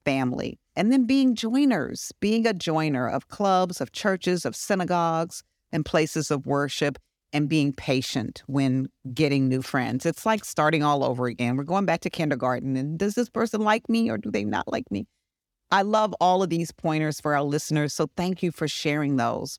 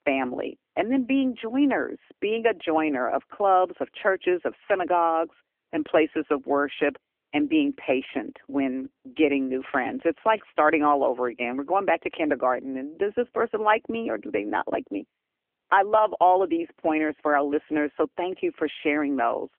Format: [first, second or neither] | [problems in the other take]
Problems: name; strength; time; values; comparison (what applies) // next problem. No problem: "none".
first | phone-call audio; nothing above 3 kHz